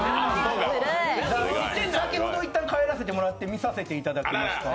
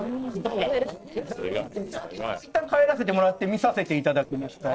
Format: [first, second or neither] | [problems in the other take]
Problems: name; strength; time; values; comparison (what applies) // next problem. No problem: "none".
first | noise reduction (neural separator model SepFormer DNS4)